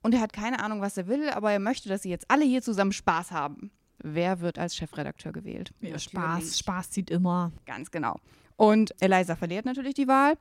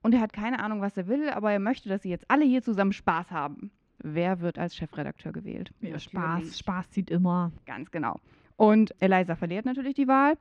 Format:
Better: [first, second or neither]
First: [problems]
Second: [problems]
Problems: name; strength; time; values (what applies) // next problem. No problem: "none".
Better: first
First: none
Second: muffled; slightly; fading above 2.5 kHz